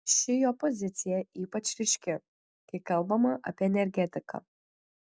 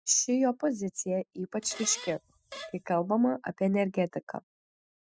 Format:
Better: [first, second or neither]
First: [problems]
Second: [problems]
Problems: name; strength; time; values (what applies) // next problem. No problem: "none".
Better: first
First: none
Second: noise reduction (classical method spectral subtraction)